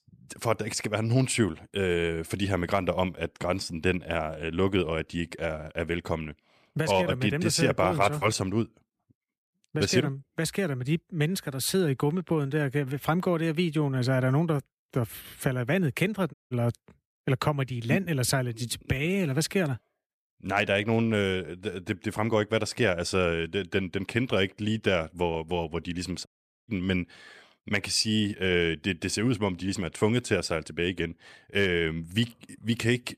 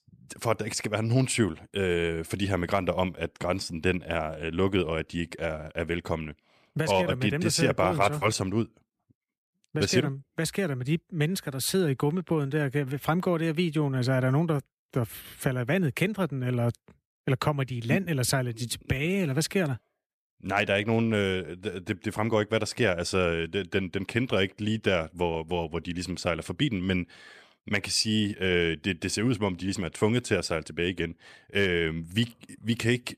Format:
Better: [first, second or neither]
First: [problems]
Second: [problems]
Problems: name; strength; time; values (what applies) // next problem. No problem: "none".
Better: second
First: audio cutting out; at 16 s and at 26 s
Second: none